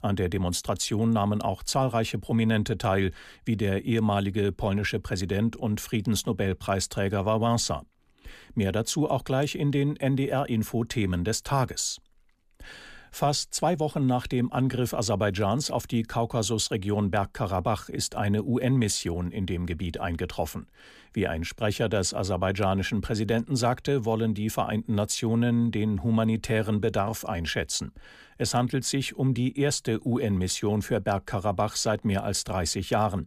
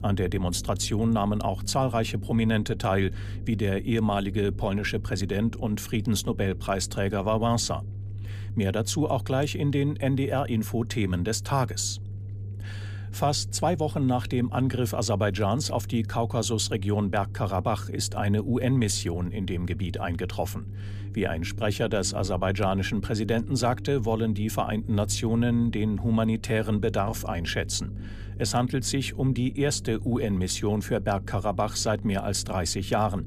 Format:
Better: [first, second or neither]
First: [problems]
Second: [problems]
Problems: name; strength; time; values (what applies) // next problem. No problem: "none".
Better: first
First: none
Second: low rumble; faint; throughout; 20 dB below the speech